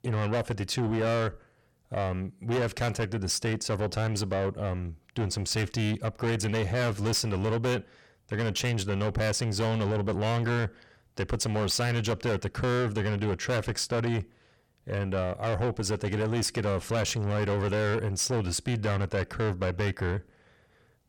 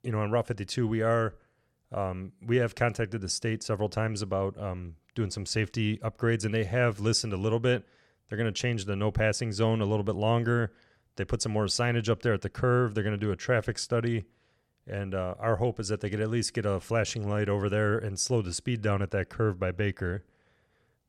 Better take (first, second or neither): second